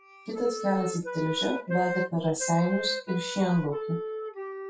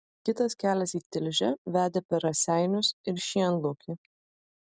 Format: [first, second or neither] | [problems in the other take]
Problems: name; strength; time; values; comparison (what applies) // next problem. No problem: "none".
second | noise reduction (classical method WPE with log-MMSE)